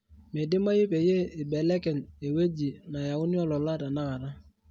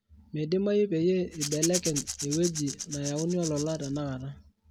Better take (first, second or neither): first